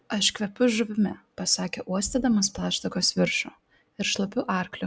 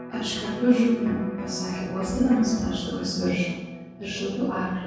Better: first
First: none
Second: background sound (Electric guitar); 12 dB below the speech // room echo; dies away in 1.3 s

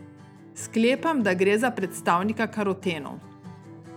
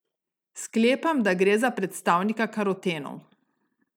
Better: second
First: background sound (Acoustic guitar); 17 dB below the speech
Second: none

